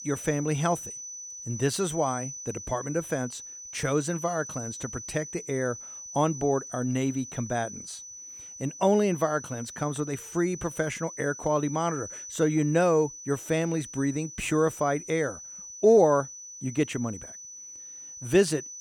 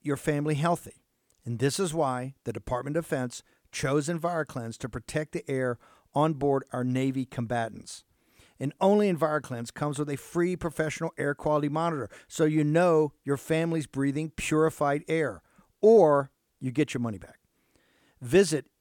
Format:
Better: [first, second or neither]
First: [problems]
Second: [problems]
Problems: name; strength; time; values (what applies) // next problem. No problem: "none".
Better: second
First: high-pitched whine; noticeable; throughout; 6 kHz, 10 dB below the speech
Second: none